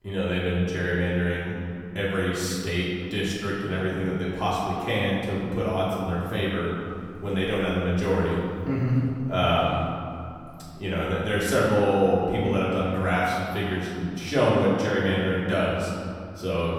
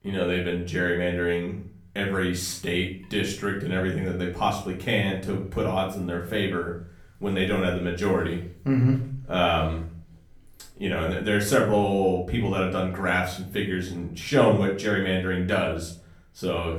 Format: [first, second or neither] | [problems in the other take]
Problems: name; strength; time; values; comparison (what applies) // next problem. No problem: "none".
second | room echo; strong; dies away in 2.3 s; slight in the second // off-mic speech; far; far in the second